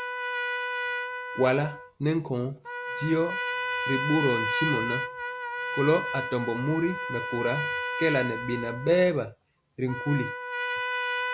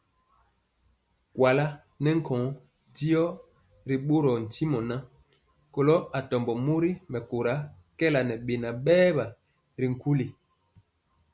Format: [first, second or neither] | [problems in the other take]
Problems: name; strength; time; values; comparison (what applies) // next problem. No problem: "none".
second | background sound (Trumpet); 3 dB below the speech